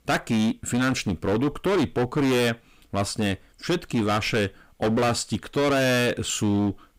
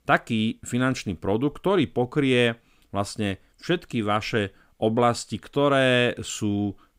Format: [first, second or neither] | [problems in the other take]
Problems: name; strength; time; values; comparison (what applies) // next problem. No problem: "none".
second | distortion; heavy; 20% of the sound clipped